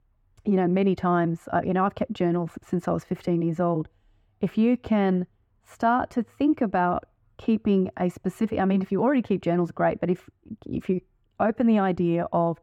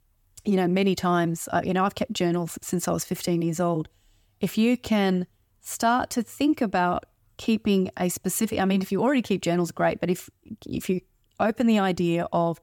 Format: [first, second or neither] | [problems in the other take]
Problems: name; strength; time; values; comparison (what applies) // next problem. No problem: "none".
second | muffled; very; fading above 3.5 kHz